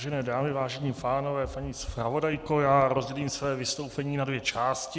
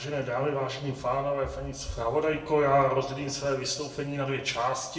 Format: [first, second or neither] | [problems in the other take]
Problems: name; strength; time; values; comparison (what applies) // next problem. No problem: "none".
first | room echo; dies away in 0.7 s